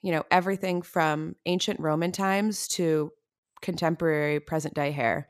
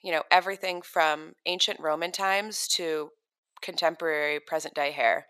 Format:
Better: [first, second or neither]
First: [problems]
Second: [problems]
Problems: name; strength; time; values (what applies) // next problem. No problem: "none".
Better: first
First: none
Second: thin; very; fading below 550 Hz